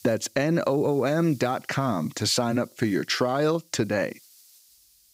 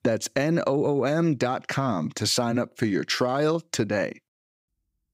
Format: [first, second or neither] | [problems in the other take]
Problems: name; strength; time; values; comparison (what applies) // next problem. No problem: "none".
second | hiss; faint; throughout; 25 dB below the speech